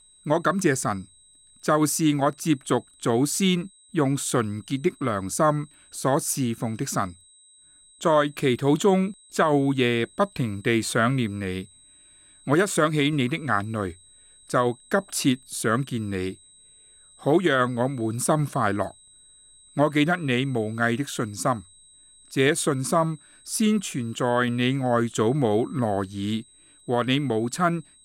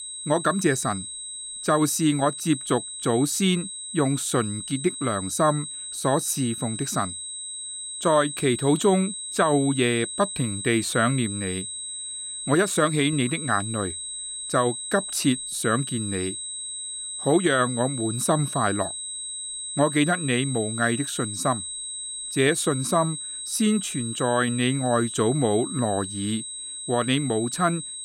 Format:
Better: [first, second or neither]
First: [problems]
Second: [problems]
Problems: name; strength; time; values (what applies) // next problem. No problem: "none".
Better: first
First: high-pitched whine; faint; throughout; 8 kHz, 25 dB below the speech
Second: high-pitched whine; loud; throughout; 8 kHz, 7 dB below the speech